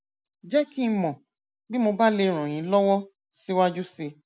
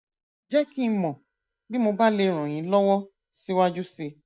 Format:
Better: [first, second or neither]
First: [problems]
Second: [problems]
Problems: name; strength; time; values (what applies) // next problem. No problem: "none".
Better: first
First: none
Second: noise reduction (neural mask model DeepFilterNet 3)